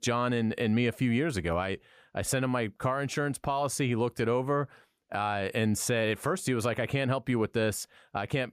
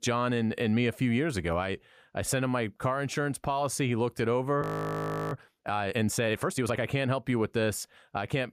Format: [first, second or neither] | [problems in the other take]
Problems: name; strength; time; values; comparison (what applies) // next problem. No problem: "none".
first | audio freezing; at 4.5 s for 0.5 s